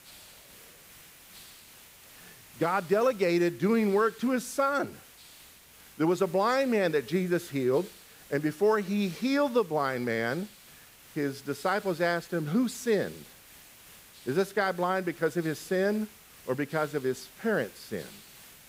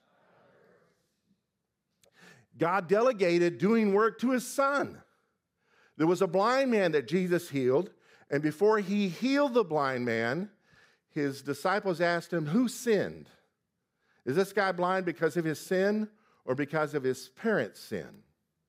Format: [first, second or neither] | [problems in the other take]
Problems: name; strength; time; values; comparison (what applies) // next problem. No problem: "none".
second | hiss; faint; throughout; 20 dB below the speech